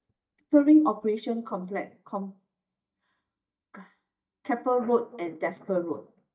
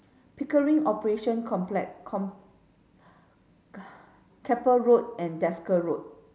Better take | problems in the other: second | noise reduction (neural mask model DeepFilterNet 3)

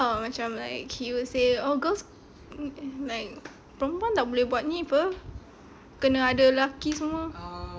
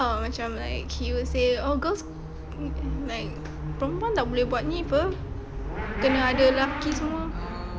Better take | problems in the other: first | background sound (Motorcycle / Accelerating, revving, vroom); 4 dB below the speech

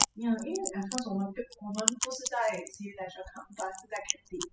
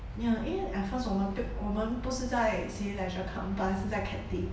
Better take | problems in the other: second | noise reduction (classical method spectral subtraction)

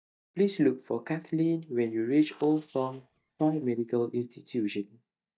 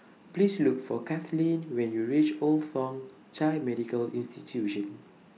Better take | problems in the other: second | noise reduction (neural mask model DeepFilterNet 3)

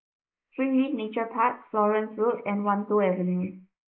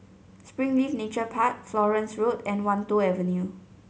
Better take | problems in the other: second | noise reduction (neural mask model Resemble Enhance denoiser)

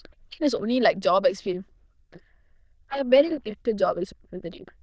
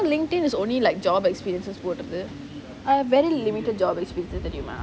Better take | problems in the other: second | noise reduction (neural diffusion model UNIVERSE++)

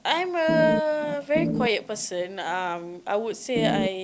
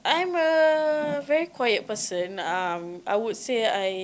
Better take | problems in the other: second | background sound (Organ); 1 dB above the speech

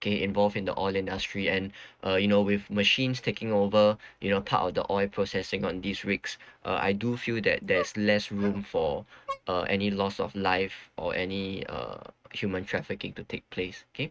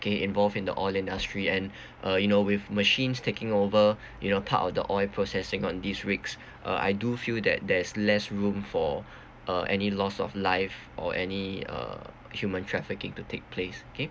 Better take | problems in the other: second | noise reduction (neural mask model RNNoise)

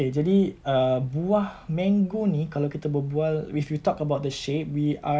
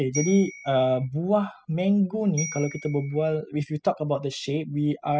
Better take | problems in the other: first | noise reduction (classical method spectral subtraction)

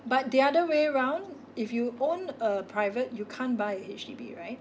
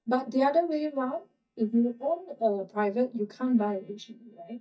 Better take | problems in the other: first | noise reduction (neural mask model DeepFilterNet 3)

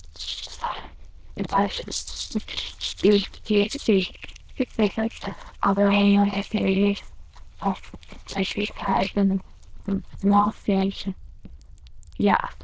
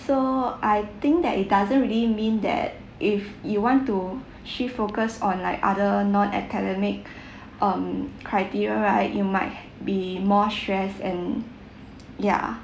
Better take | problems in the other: second | noise reduction (neural diffusion model UNIVERSE++)

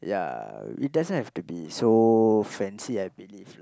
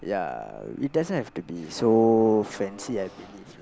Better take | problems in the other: first | background sound (Mechanisms); 20 dB below the speech

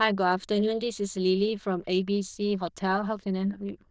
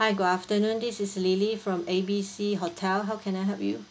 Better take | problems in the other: second | noise reduction (neural diffusion model UNIVERSE++)

